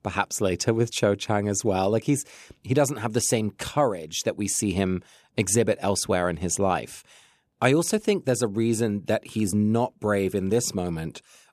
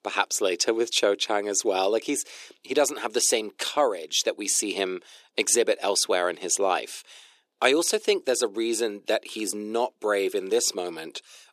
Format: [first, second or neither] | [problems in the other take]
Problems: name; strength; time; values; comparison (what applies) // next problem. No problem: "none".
first | thin; somewhat; fading below 350 Hz